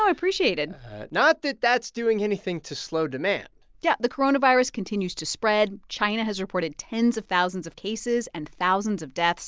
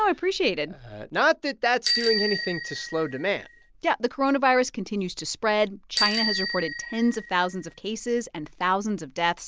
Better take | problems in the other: first | background sound (Bicycle bell); 6 dB below the speech

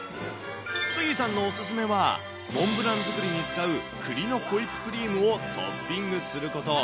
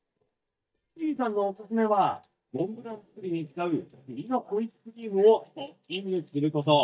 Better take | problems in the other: first | noise reduction (neural mask model DeepFilterNet 3)

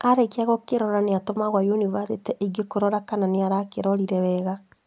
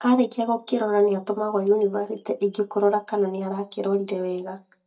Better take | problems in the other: first | noise reduction (neural mask model DeepFilterNet 3)

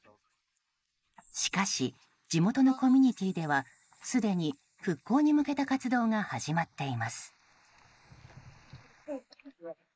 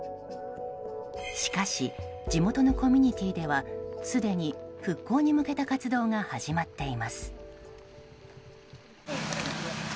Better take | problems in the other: second | noise reduction (neural mask model Resemble Enhance denoiser)

